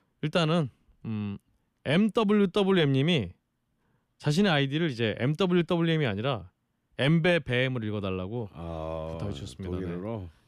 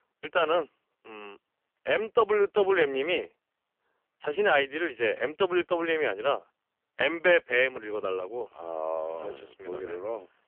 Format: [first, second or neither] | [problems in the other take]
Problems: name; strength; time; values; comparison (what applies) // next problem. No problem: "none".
first | phone-call audio; poor line; nothing above 3 kHz